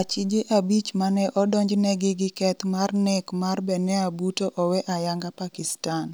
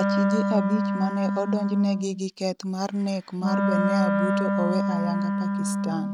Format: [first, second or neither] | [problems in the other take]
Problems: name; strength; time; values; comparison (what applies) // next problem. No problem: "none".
first | noise reduction (neural mask model RNNoise)